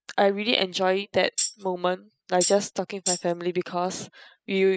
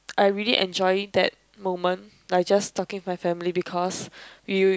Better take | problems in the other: second | noise reduction (classical method spectral subtraction)

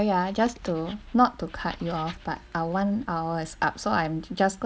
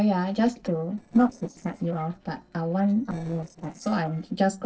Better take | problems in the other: first | noise reduction (neural separator model SepFormer DNS4)

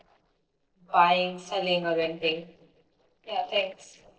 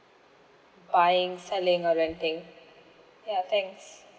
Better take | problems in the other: second | noise reduction (neural separator model SepFormer DNS4)

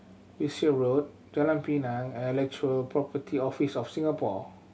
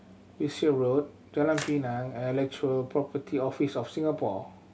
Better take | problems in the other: first | background sound (Splash, splatter); 15 dB below the speech

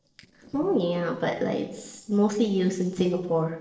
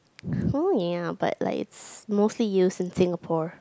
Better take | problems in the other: second | noise reduction (neural separator model SepFormer DNS4)

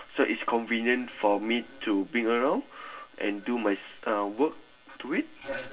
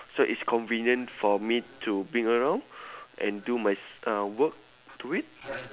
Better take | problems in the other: second | room echo; dies away in 0.1 s

